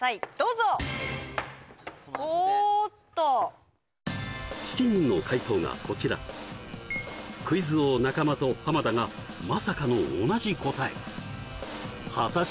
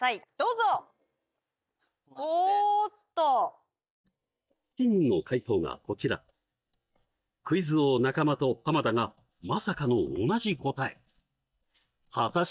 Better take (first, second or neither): first